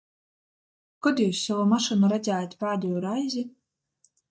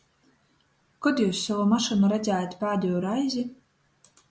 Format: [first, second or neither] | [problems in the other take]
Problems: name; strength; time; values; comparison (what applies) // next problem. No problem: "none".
second | noise reduction (neural mask model DeepFilterNet 3)